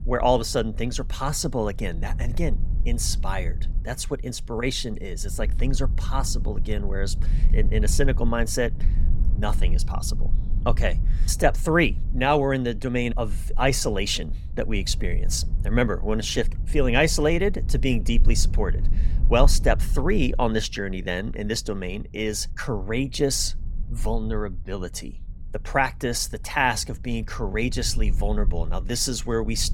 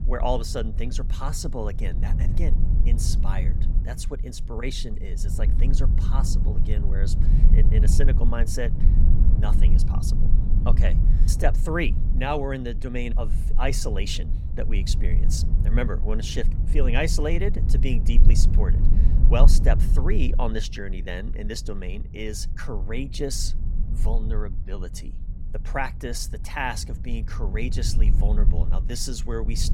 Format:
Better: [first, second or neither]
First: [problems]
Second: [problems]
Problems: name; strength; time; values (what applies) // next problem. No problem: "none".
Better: first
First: low rumble; faint; throughout; 20 dB below the speech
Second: low rumble; loud; throughout; 10 dB below the speech